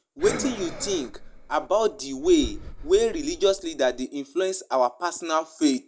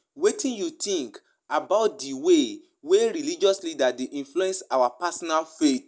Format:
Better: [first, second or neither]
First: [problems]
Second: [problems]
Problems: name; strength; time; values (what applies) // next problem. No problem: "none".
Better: second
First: background sound (Breathing); 12 dB below the speech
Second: none